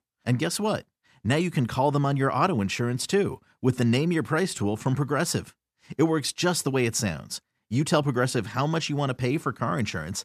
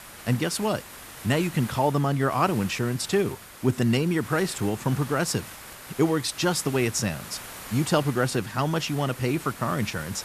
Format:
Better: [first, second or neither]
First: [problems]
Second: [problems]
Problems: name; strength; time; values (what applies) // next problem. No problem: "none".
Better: first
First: none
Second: hiss; noticeable; throughout; 15 dB below the speech